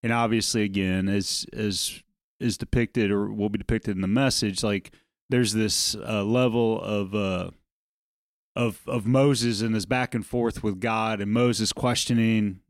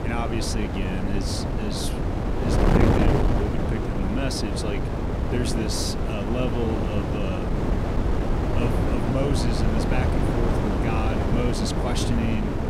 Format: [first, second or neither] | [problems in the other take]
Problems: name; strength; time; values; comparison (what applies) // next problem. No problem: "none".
first | wind noise on the microphone; heavy; 3 dB above the speech